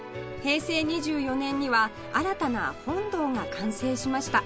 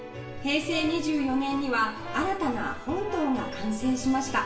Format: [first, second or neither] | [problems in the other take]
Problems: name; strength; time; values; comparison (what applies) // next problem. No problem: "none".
first | background sound (Brass instrument); 17 dB below the speech // room echo; dies away in 0.9 s